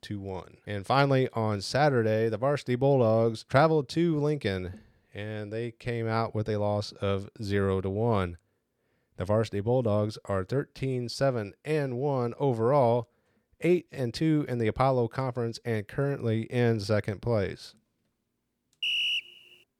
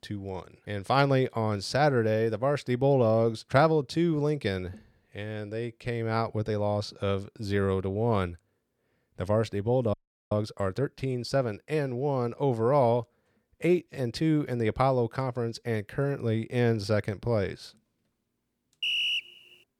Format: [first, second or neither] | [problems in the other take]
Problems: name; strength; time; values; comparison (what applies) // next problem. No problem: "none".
first | audio freezing; at 10 s